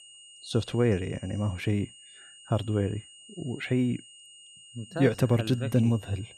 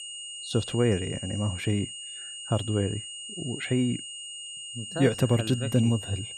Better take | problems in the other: first | high-pitched whine; loud; throughout; 3 kHz, 9 dB below the speech; faint in the first

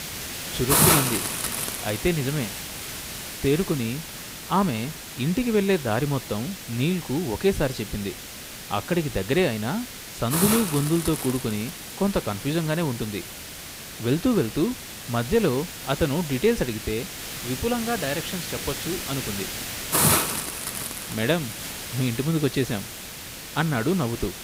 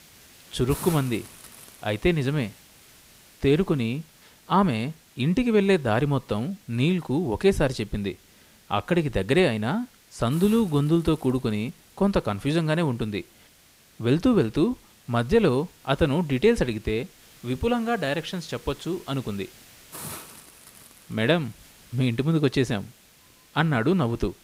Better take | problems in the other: second | hiss; loud; throughout; 3 dB below the speech; faint in the second

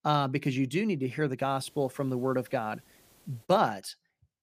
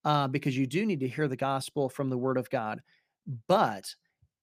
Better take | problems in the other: second | hiss; faint; from 1.5 to 3.5 s; 30 dB below the speech

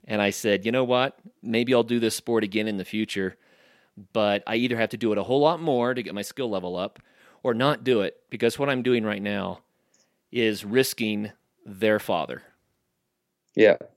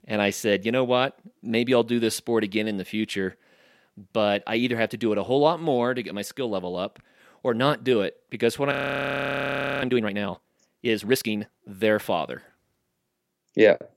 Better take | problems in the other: first | audio freezing; at 8.5 s for 1 s

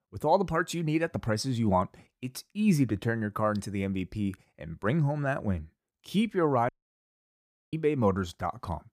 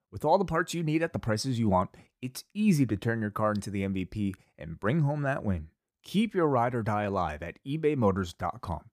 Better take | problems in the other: second | audio cutting out; at 6.5 s for 1 s

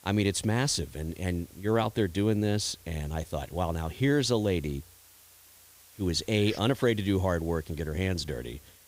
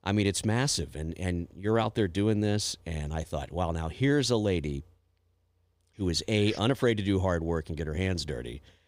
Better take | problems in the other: second | hiss; faint; throughout; 25 dB below the speech

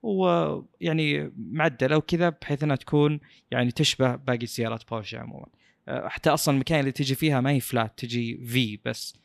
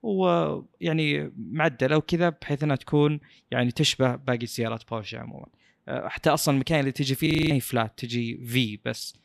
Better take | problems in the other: first | audio freezing; at 7.5 s

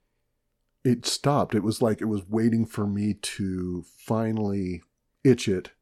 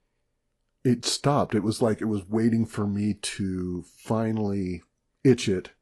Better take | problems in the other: first | garbled, watery; slightly; nothing above 11 kHz

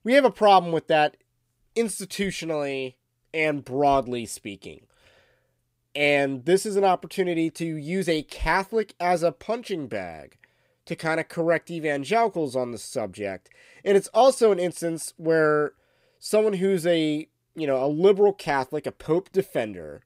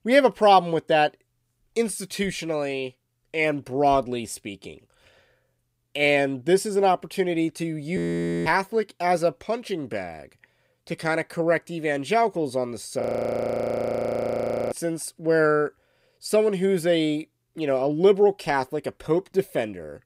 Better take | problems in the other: first | audio freezing; at 8 s and at 13 s for 1.5 s

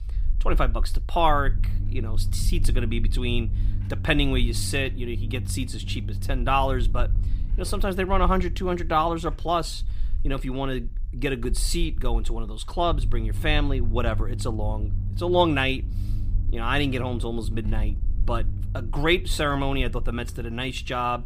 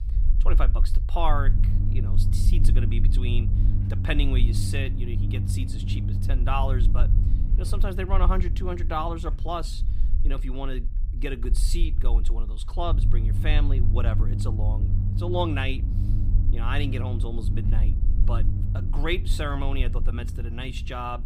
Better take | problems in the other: first | low rumble; loud; throughout; 10 dB below the speech; faint in the first

